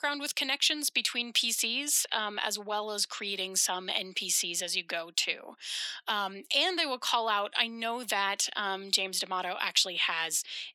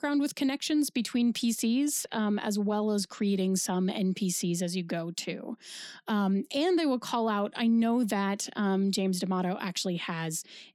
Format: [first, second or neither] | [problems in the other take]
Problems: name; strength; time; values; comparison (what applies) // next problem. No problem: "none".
second | thin; very; fading below 850 Hz